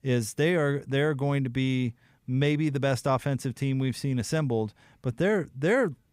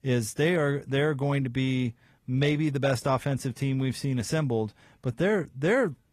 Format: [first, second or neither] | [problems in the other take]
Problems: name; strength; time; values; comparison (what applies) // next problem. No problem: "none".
first | garbled, watery; slightly; nothing above 14.5 kHz